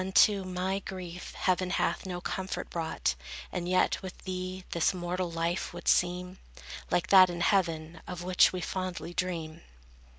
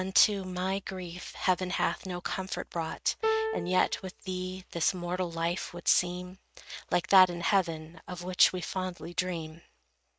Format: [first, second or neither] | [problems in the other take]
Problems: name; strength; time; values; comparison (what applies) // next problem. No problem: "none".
first | noise reduction (neural mask model RNNoise)